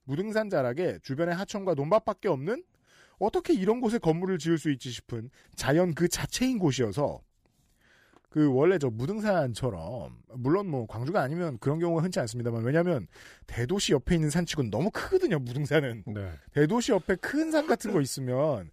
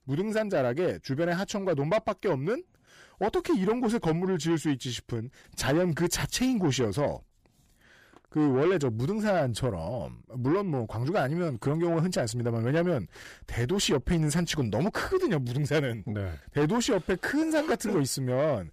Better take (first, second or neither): first